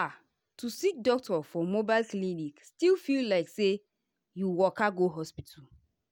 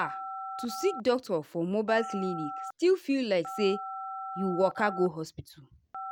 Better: first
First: none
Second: background sound (Telephone); 10 dB below the speech

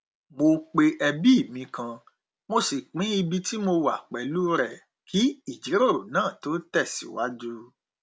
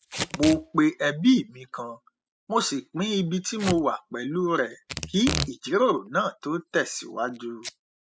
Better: first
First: none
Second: noise reduction (classical method spectral subtraction)

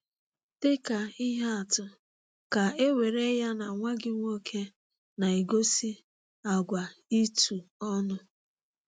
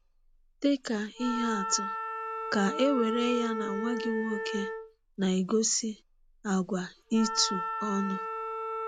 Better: first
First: none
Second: background sound (Wind instrument, woodwind instrument); 6 dB below the speech

